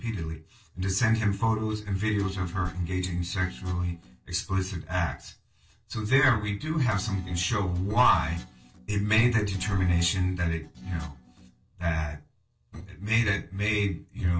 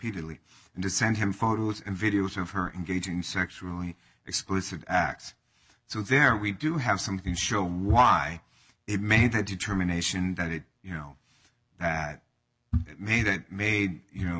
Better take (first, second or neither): second